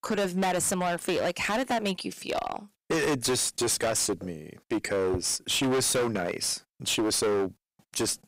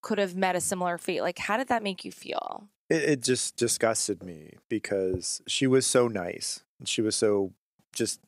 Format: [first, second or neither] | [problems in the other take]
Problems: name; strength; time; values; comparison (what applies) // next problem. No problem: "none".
second | distortion; heavy; 19% of the sound clipped